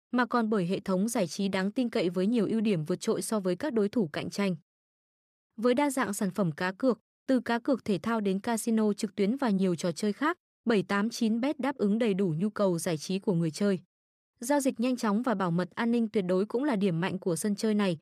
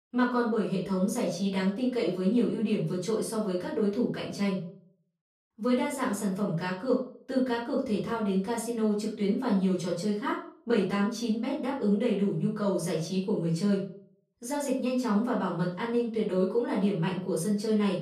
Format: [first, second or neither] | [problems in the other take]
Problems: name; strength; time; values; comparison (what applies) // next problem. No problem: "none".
first | off-mic speech; far // room echo; slight; dies away in 0.4 s